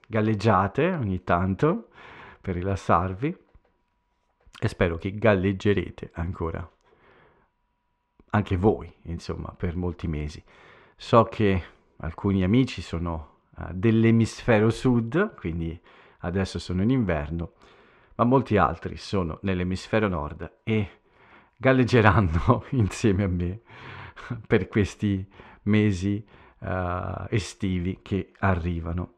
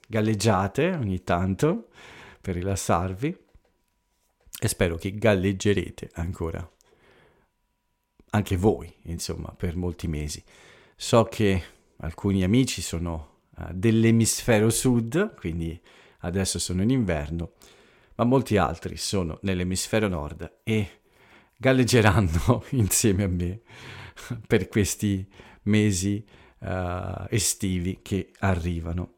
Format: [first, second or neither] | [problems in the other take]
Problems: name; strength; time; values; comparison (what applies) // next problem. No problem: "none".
second | muffled; slightly; fading above 3 kHz